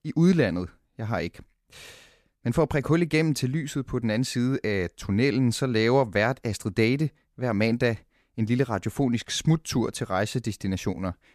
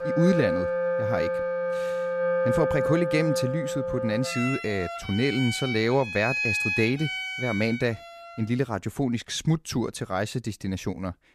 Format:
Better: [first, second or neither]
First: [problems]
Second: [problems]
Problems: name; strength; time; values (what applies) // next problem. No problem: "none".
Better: first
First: none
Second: background music; loud; until 8 s; 1 dB below the speech